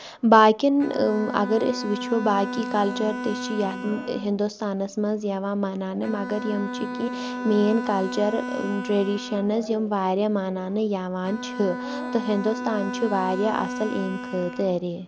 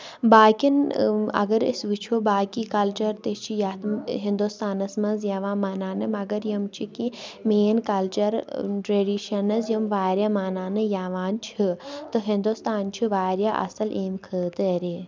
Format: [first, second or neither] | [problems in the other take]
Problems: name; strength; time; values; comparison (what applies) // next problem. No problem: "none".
second | background sound (Bowed string instrument); 9 dB below the speech